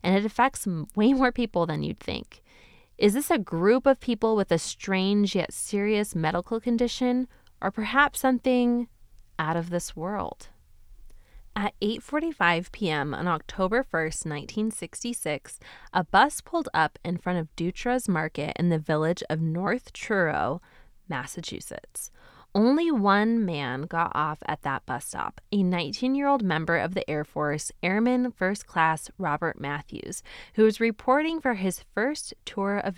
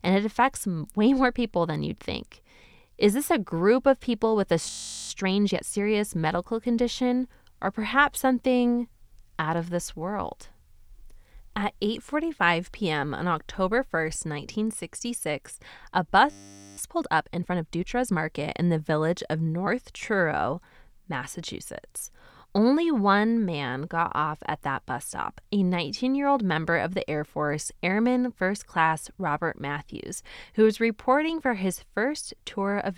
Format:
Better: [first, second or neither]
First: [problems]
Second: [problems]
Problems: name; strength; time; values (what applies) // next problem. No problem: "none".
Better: first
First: none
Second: audio freezing; at 4.5 s and at 16 s